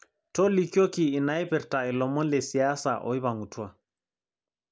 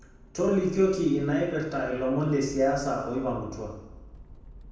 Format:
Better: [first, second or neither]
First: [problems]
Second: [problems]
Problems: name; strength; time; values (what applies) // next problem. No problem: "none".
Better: first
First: none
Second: background sound (Accelerating, revving, vroom); 19 dB below the speech // room echo; dies away in 0.9 s